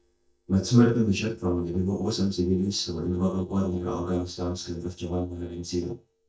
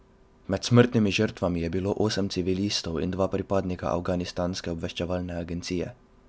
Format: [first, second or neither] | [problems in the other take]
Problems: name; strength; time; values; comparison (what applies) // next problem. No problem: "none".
second | noise reduction (neural mask model DeepFilterNet 3)